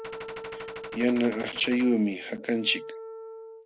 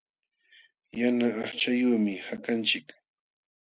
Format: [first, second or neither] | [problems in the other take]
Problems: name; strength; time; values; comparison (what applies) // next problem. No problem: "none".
second | background sound (Wind instrument, woodwind instrument + Gunshot, gunfire); 12 dB below the speech